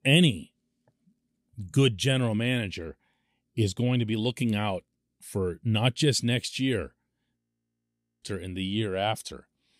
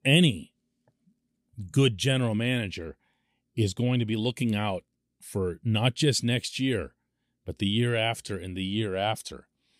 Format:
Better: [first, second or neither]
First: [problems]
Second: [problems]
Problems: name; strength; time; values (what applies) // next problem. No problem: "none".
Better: second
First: audio freezing; at 7.5 s for 1 s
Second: none